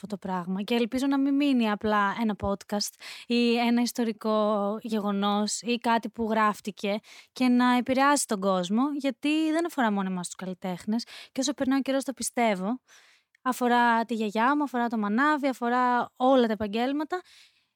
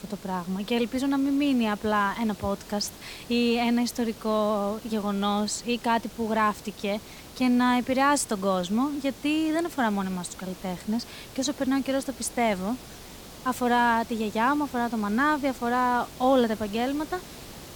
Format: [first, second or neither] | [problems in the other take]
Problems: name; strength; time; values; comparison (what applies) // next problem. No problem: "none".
first | hiss; noticeable; throughout; 15 dB below the speech